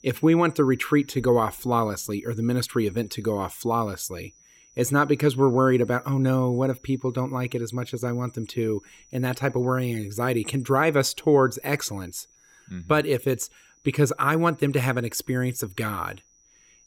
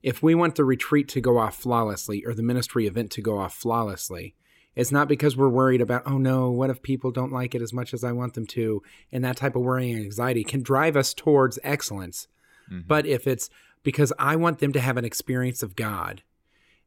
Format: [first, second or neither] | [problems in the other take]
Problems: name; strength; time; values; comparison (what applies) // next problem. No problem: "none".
second | high-pitched whine; faint; throughout; 6 kHz, 30 dB below the speech